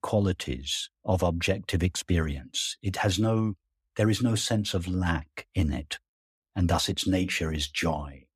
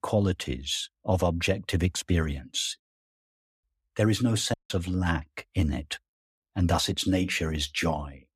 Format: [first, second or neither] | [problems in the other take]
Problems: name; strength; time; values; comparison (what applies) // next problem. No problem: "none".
first | audio cutting out; at 3 s for 1 s and at 4.5 s